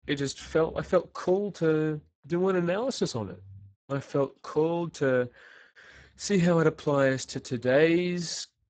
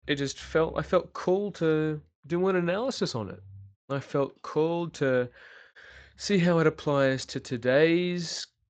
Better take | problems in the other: second | garbled, watery; badly; nothing above 8 kHz; slightly in the second

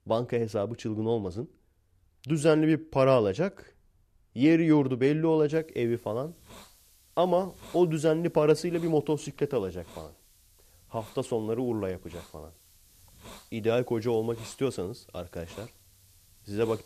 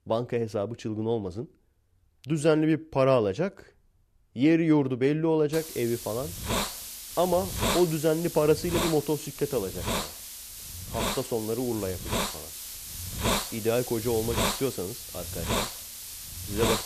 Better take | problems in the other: first | hiss; loud; from 5.5 s on; 5 dB below the speech; faint in the first

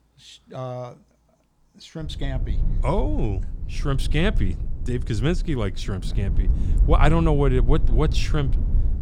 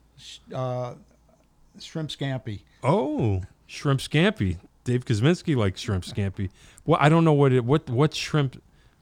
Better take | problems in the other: second | low rumble; noticeable; from 2 s on; 15 dB below the speech

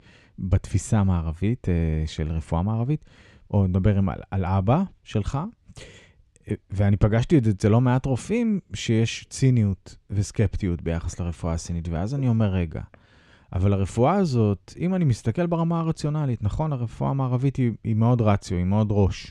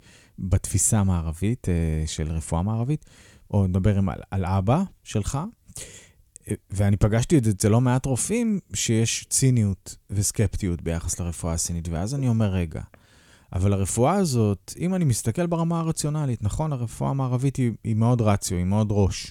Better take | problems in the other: second | muffled; slightly; fading above 3.5 kHz

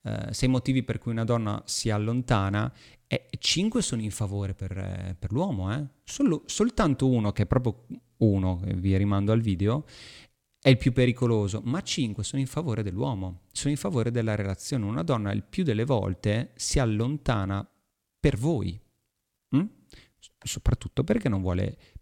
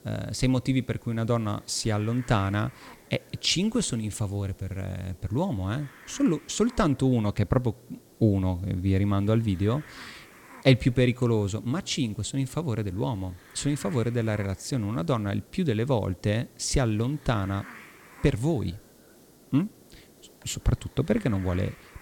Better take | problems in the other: first | hiss; faint; throughout; 25 dB below the speech

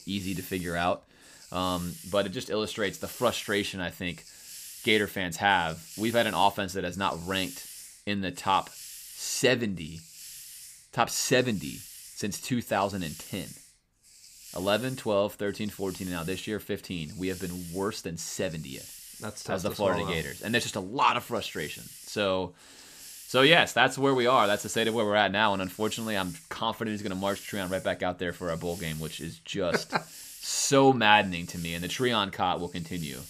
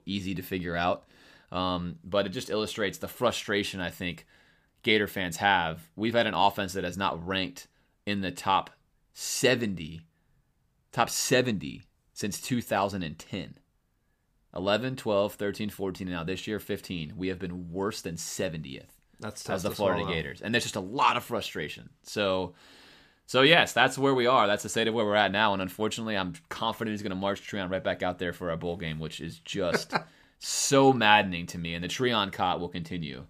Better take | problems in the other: second | hiss; noticeable; throughout; 15 dB below the speech

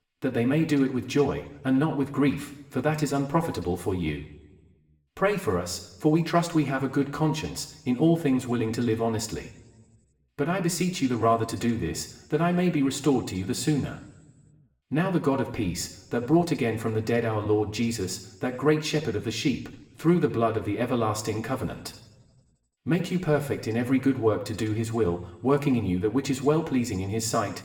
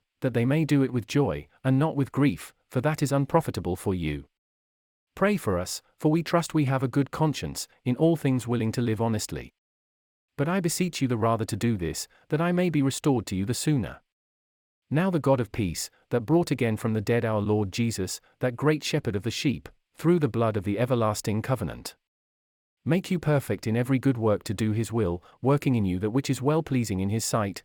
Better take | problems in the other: second | room echo; very slight; dies away in 0.7 s

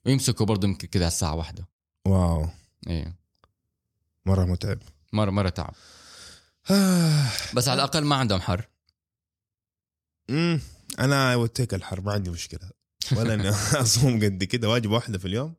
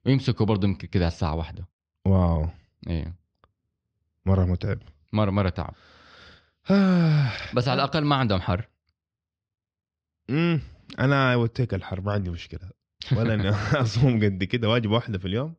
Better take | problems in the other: first | muffled; slightly; fading above 3.5 kHz

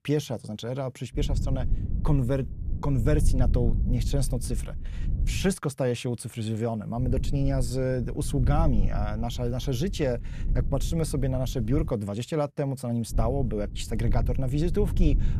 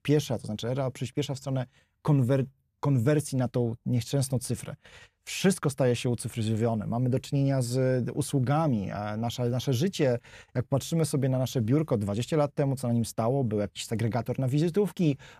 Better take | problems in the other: second | low rumble; noticeable; from 1 to 5.5 s, from 7 to 12 s and from 13 s on; 15 dB below the speech

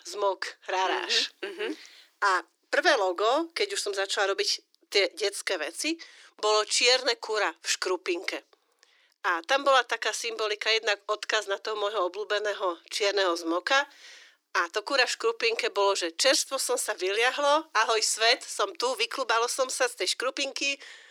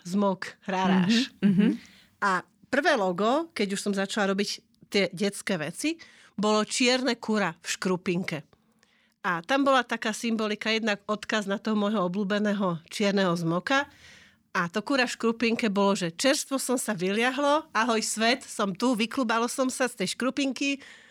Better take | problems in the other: second | thin; very; fading below 300 Hz

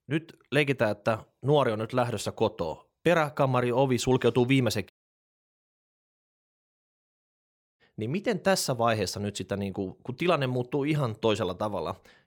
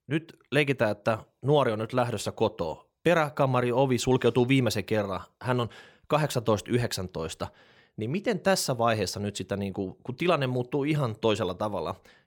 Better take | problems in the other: second | audio cutting out; at 5 s for 3 s

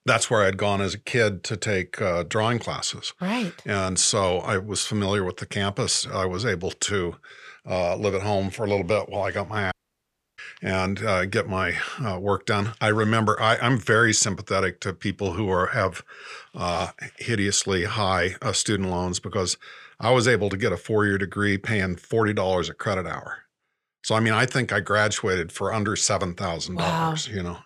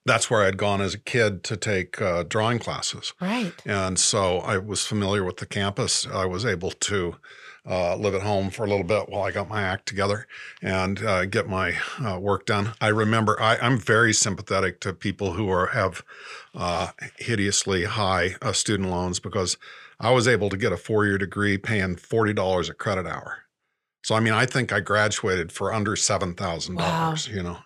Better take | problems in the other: second | audio cutting out; at 9.5 s for 0.5 s

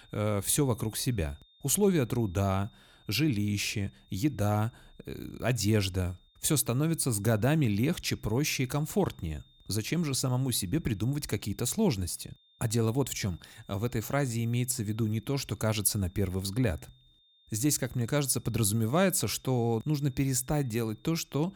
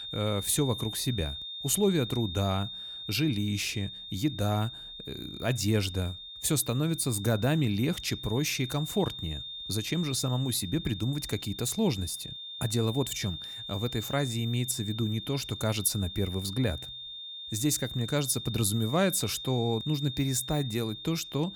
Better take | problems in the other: first | high-pitched whine; loud; throughout; 3.5 kHz, 9 dB below the speech; faint in the first

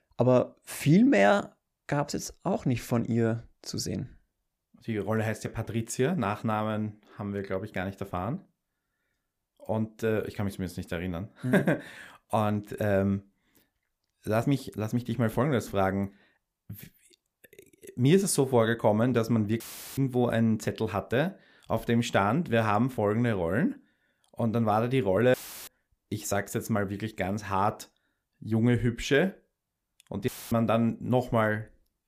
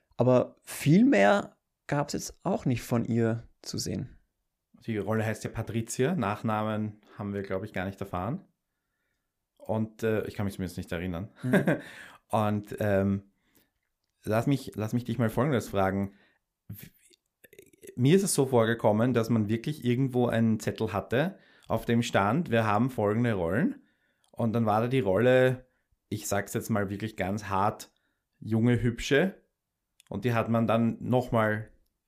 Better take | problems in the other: second | audio cutting out; filled with static; at 20 s, at 25 s and at 30 s

